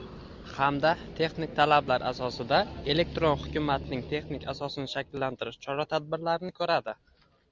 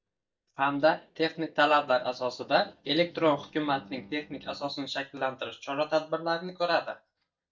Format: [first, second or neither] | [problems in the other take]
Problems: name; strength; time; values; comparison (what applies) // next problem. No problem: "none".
first | noise reduction (neural mask model DeepFilterNet 3)